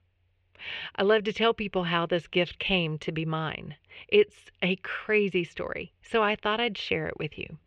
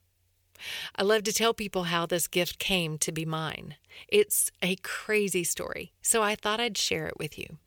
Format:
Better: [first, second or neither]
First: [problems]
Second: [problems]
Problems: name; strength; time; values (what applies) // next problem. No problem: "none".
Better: second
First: muffled; very; fading above 3 kHz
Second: none